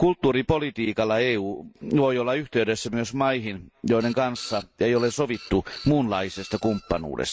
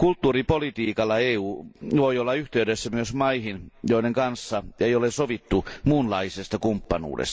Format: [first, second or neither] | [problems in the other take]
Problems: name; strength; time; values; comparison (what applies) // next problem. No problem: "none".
second | noise reduction (neural mask model RNNoise)